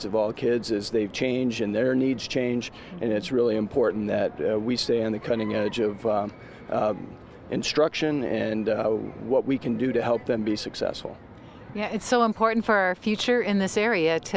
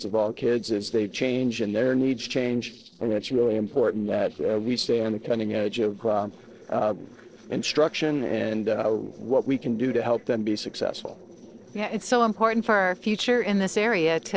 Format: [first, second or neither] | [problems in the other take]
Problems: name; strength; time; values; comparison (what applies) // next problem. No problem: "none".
first | noise reduction (neural separator model SepFormer DNS4)